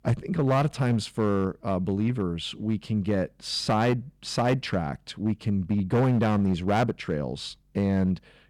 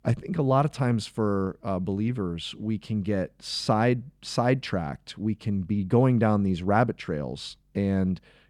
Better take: second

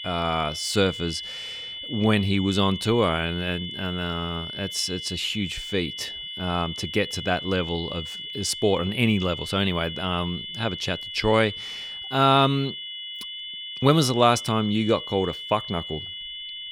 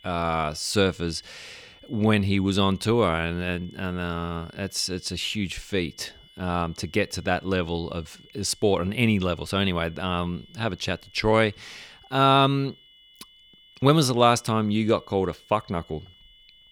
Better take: second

